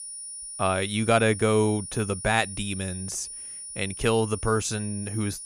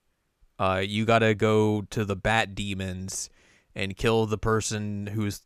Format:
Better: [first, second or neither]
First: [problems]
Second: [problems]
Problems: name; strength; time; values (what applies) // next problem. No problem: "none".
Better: second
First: high-pitched whine; loud; throughout; 9.5 kHz, 10 dB below the speech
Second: none